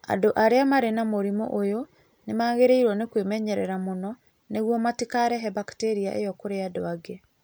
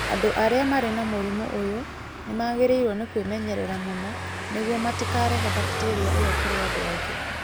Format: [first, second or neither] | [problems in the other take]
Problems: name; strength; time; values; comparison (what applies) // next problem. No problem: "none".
first | background sound (Car passing by / Engine); 2 dB below the speech